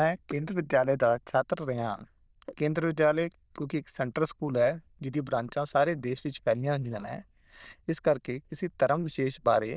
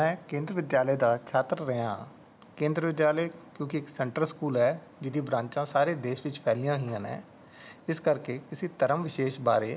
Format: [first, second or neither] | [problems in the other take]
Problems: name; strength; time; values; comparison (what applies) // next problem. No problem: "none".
second | noise reduction (neural diffusion model UNIVERSE++)